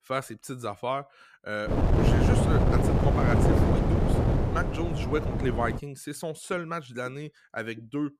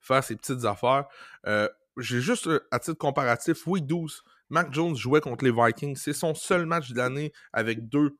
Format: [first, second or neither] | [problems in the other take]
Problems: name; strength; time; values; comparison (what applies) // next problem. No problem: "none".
second | wind noise on the microphone; heavy; from 1.5 to 6 s; 3 dB above the speech